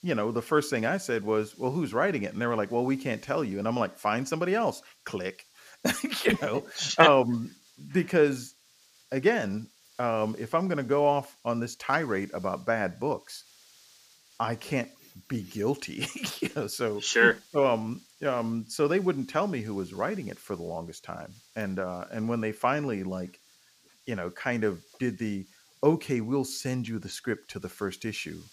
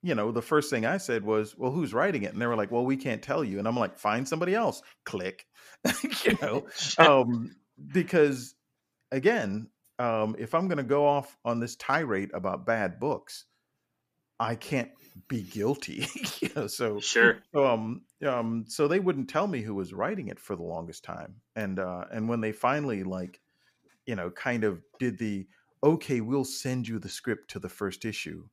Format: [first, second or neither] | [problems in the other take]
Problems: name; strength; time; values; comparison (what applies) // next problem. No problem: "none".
second | hiss; faint; throughout; 30 dB below the speech